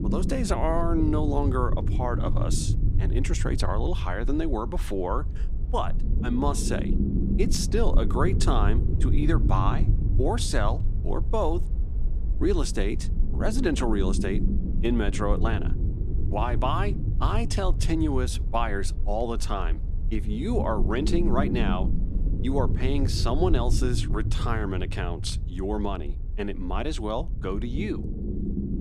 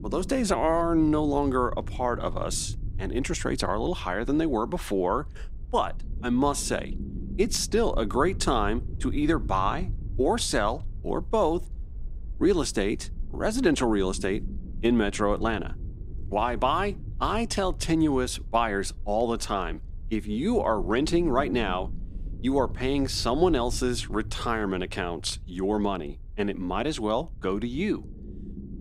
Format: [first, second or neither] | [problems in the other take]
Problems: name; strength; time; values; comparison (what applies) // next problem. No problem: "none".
second | low rumble; loud; throughout; 10 dB below the speech; faint in the second